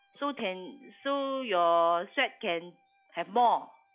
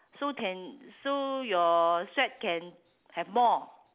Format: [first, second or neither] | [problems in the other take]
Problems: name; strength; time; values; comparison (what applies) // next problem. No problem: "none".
second | noise reduction (classical method log-MMSE)